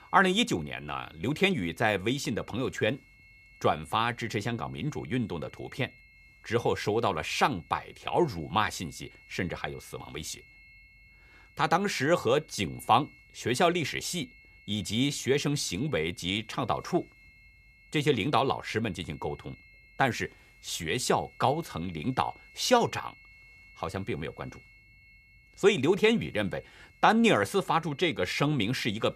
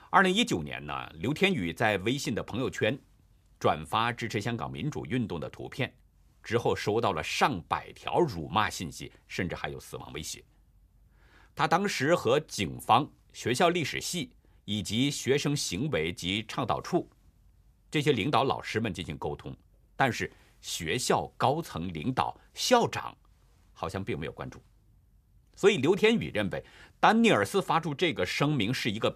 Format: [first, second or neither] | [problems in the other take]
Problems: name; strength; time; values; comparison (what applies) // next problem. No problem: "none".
second | high-pitched whine; faint; throughout; 2 kHz, 25 dB below the speech